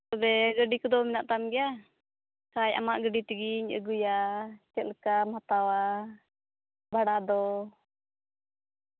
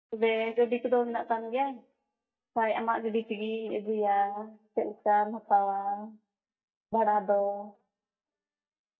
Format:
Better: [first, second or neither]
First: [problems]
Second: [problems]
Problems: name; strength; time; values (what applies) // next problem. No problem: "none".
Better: first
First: none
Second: noise reduction (neural mask model DeepFilterNet 3)